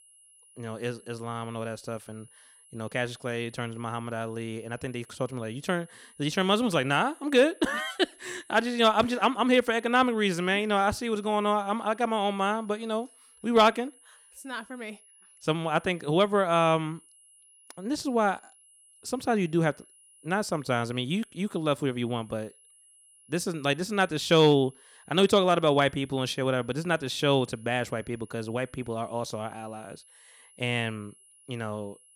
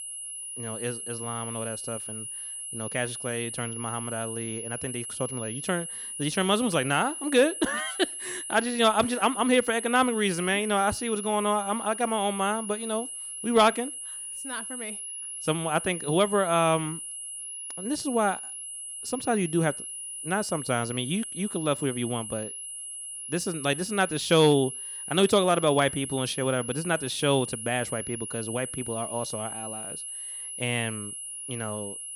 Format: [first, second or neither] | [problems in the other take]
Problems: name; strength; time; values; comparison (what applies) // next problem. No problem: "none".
first | high-pitched whine; loud; throughout; 10.5 kHz, 7 dB below the speech; faint in the first